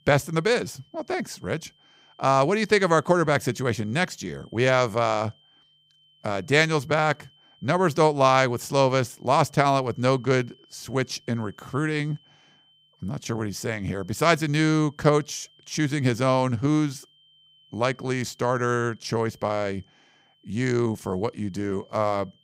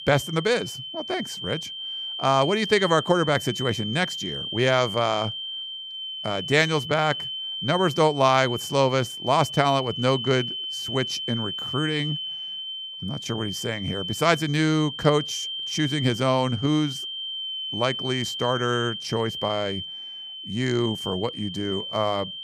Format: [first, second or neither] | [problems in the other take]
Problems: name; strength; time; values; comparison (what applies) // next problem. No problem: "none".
first | high-pitched whine; loud; throughout; 3 kHz, 6 dB below the speech; faint in the first